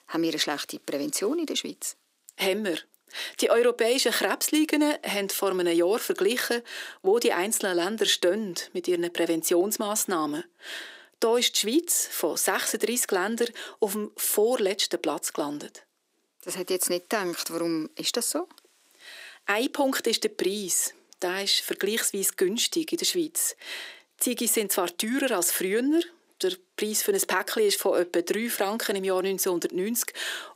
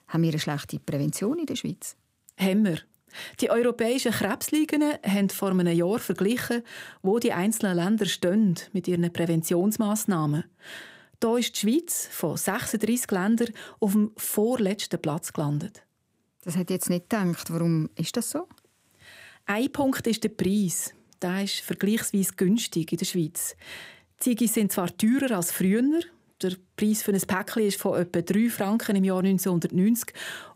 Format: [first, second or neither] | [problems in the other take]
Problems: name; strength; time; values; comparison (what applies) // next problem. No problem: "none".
second | thin; somewhat; fading below 350 Hz